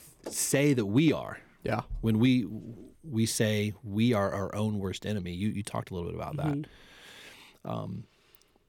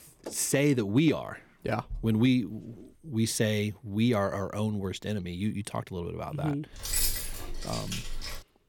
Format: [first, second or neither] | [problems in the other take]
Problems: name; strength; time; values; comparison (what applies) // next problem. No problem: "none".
first | jangling keys; loud; from 7 s on; peak 2 dB above the speech